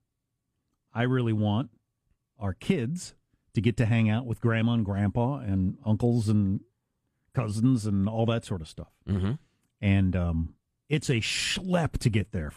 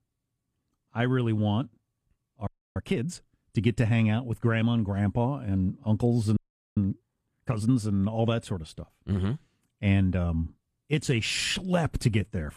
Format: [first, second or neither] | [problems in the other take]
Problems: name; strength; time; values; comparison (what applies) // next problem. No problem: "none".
first | audio freezing; at 2.5 s and at 6.5 s